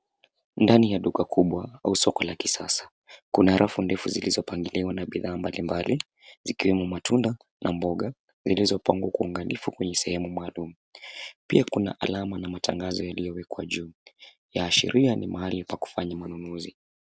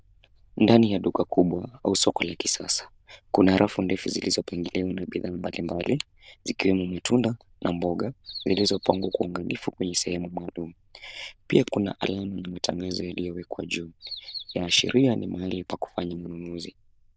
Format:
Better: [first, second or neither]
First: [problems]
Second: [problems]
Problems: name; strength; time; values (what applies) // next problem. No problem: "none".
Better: first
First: none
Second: noise reduction (neural diffusion model UNIVERSE++)